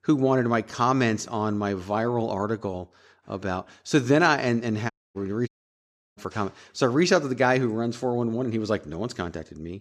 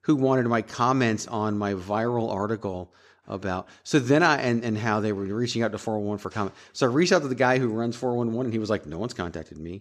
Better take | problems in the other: second | audio cutting out; at 5 s and at 5.5 s for 0.5 s

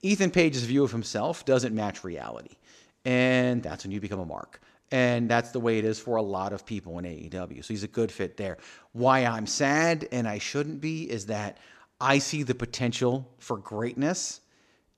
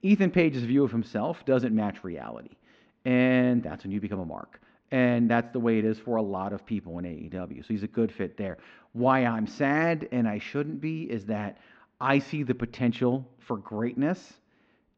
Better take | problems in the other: first | muffled; very; fading above 3 kHz

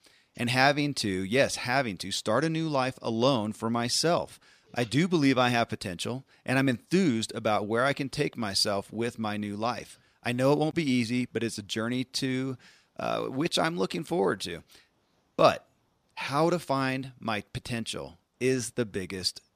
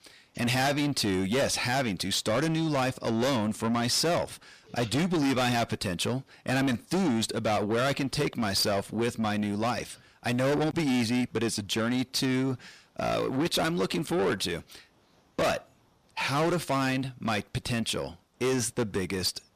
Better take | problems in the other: first | distortion; heavy; 6 dB below the speech

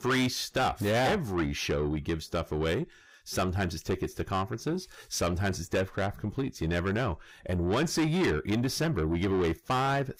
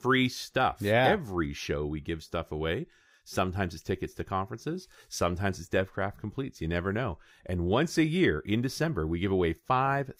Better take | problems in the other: second | distortion; heavy; 8 dB below the speech

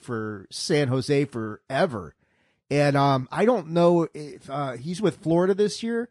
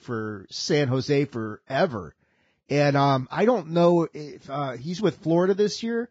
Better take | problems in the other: first | garbled, watery; badly; slightly in the first

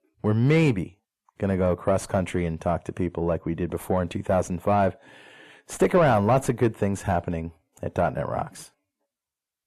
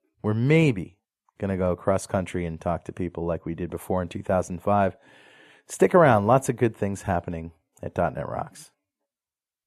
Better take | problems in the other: second | distortion; slight; 10 dB below the speech

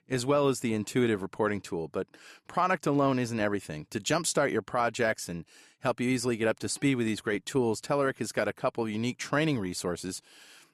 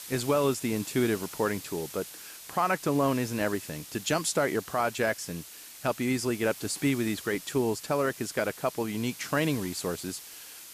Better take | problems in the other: first | hiss; noticeable; throughout; 15 dB below the speech

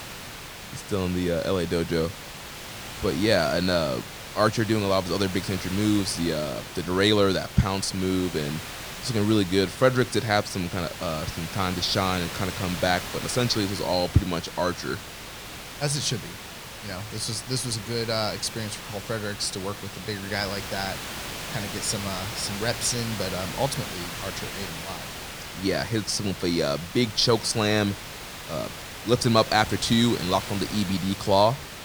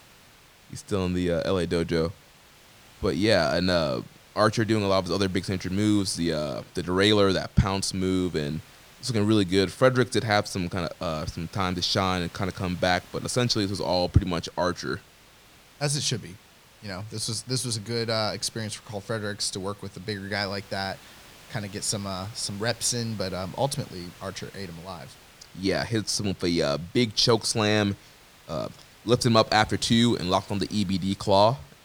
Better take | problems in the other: second | hiss; loud; throughout; 9 dB below the speech; faint in the second

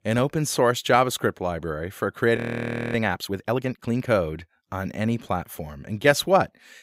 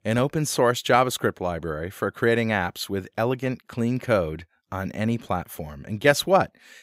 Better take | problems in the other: second | audio freezing; at 2.5 s for 0.5 s

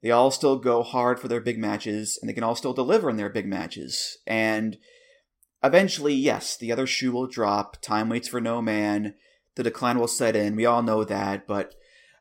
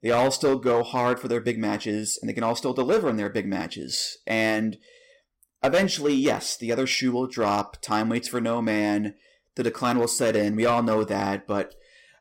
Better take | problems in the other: first | distortion; slight; 4% of the sound clipped

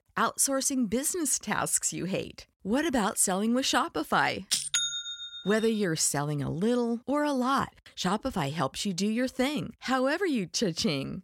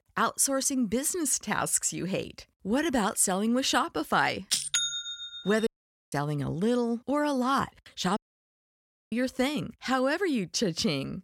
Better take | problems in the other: first | audio cutting out; at 5.5 s and at 8 s for 1 s

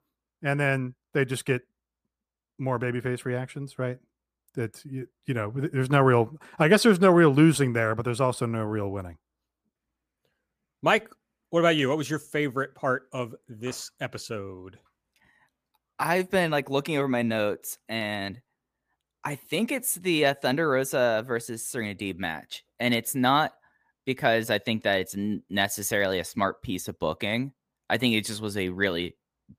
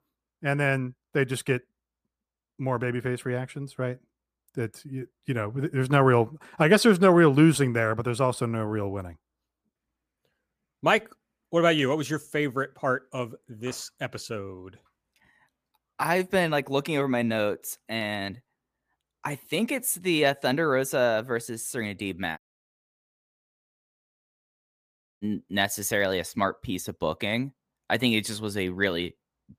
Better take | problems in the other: first | audio cutting out; at 22 s for 3 s

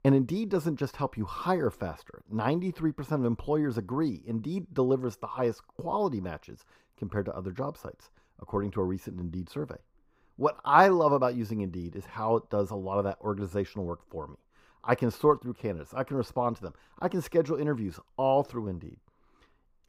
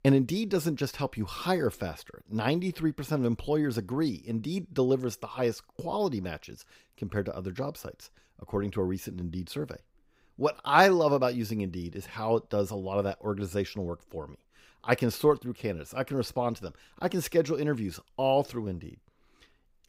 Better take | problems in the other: second | muffled; slightly; fading above 2 kHz

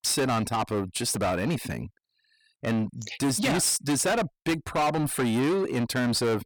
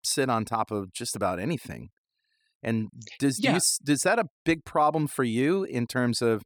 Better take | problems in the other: second | distortion; heavy; 7 dB below the speech

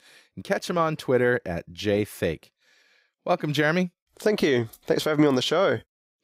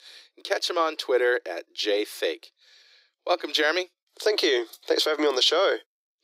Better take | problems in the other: first | thin; very; fading below 350 Hz

